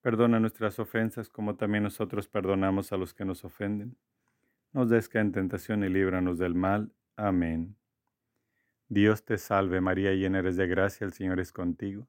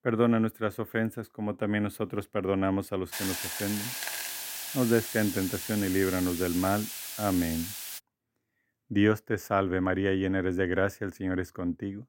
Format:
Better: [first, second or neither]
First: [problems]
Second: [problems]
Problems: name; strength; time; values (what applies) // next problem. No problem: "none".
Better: first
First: none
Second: hiss; loud; from 3 to 8 s; 5 dB below the speech